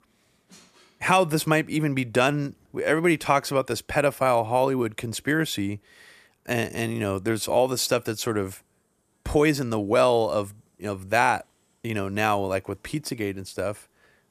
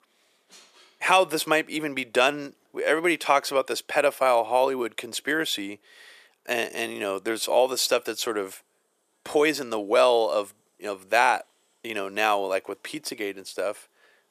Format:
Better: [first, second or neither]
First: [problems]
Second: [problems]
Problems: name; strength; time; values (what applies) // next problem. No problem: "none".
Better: first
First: none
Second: thin; somewhat; fading below 450 Hz